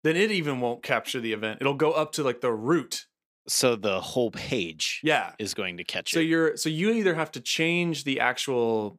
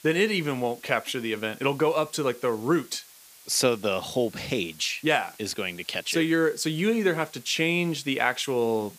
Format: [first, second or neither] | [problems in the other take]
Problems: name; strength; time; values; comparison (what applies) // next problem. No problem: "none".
first | hiss; faint; throughout; 20 dB below the speech